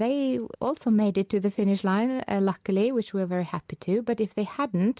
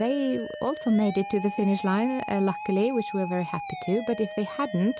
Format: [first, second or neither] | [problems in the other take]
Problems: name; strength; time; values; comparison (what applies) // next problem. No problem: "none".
first | background sound (Musical instrument); 11 dB below the speech